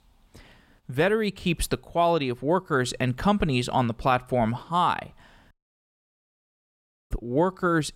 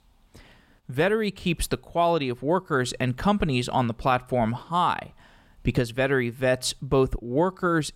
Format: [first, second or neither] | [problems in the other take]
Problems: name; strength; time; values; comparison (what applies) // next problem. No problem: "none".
second | audio cutting out; at 5.5 s for 1.5 s